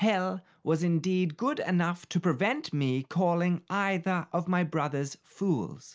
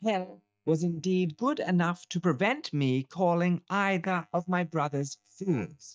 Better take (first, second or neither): first